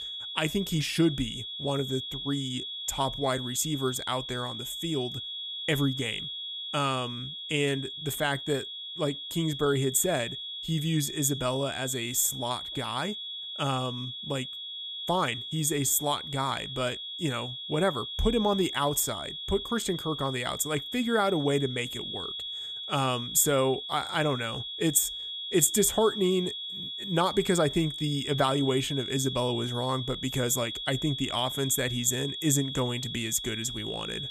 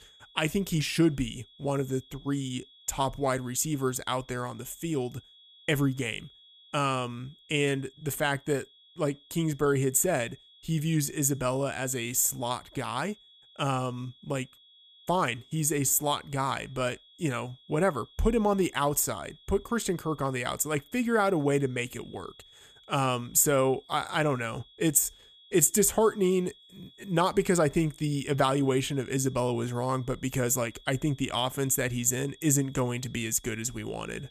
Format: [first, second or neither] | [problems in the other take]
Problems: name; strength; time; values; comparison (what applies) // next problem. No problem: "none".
second | high-pitched whine; loud; throughout; 3.5 kHz, 6 dB below the speech; faint in the second